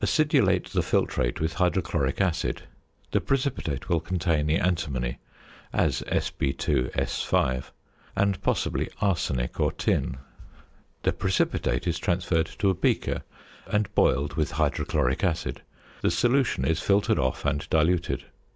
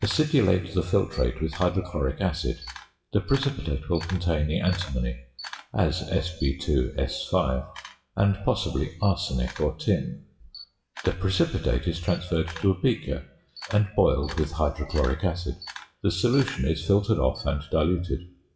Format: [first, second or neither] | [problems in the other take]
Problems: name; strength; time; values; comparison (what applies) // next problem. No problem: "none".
first | noise reduction (classical method WPE with log-MMSE)